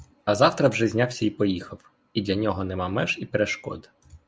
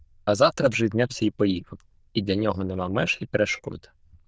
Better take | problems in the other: first | noise reduction (neural diffusion model UNIVERSE++)

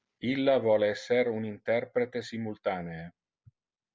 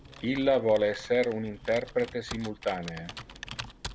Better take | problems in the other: first | background sound (Computer keyboard); 14 dB below the speech

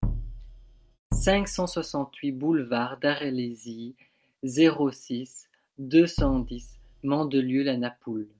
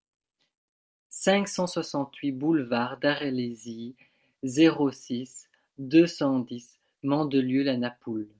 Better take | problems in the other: second | background sound (Bass drum); 5 dB below the speech

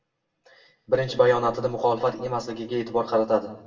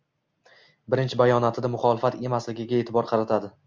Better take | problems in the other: second | room echo; dies away in 0.9 s

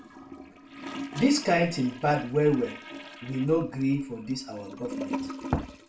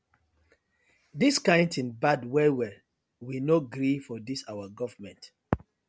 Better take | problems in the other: second | background sound (Toilet flush / Gurgling); 12 dB below the speech // room echo; dies away in 0.4 s

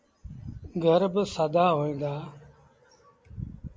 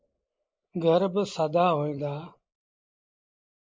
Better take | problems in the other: first | noise reduction (neural mask model Resemble Enhance denoiser)

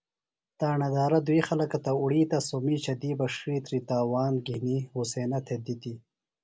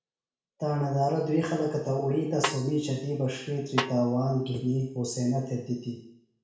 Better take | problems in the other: first | background sound (Snare drum); 7 dB below the speech // room echo; dies away in 0.7 s

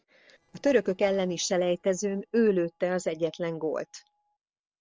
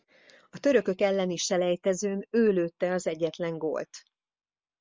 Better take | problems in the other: second | noise reduction (neural separator model SepFormer DNS4)

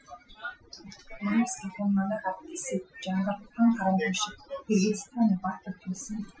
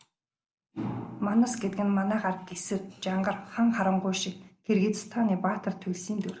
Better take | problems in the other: second | noise reduction (classical method Wiener filter)

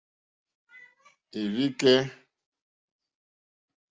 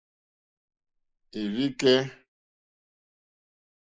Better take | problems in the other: first | noise reduction (neural mask model Resemble Enhance denoiser)

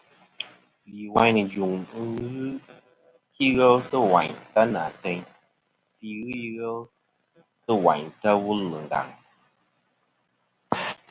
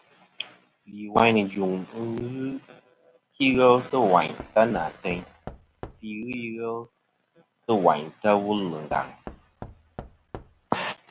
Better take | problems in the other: first | background sound (Knock / Wood); 18 dB below the speech

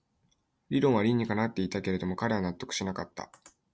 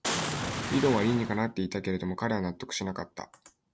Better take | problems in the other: first | background sound (Boom); 2 dB below the speech

